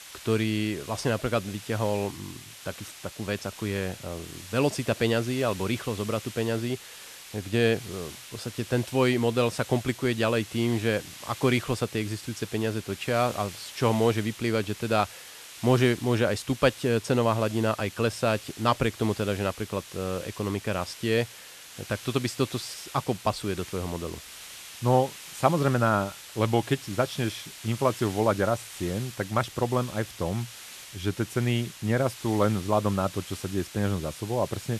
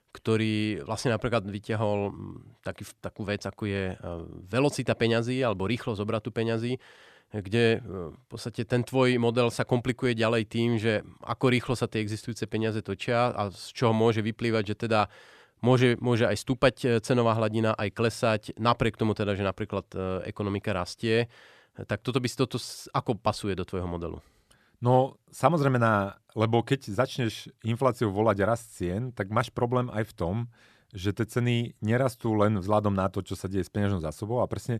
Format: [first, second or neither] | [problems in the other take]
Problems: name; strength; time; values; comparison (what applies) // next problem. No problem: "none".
second | hiss; noticeable; throughout; 15 dB below the speech